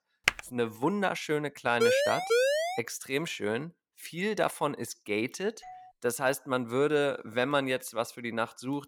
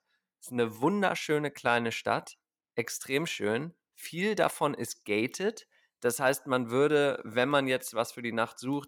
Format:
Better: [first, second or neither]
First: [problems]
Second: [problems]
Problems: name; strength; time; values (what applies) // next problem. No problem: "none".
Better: second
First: keyboard typing; very faint; at 0.5 s; peak 2 dB above the speech // siren; loud; at 2 s; peak 5 dB above the speech // doorbell; faint; at 5.5 s; peak 20 dB below the speech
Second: none